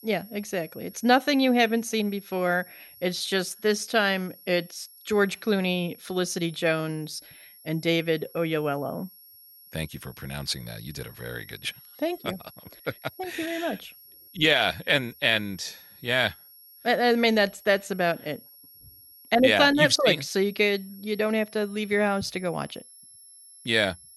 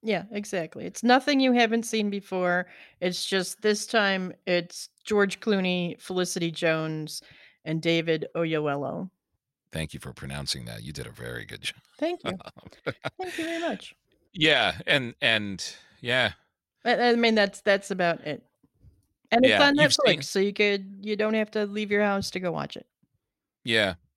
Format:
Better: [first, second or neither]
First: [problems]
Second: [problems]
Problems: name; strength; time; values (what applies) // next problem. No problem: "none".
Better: second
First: high-pitched whine; faint; throughout; 11.5 kHz, 25 dB below the speech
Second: none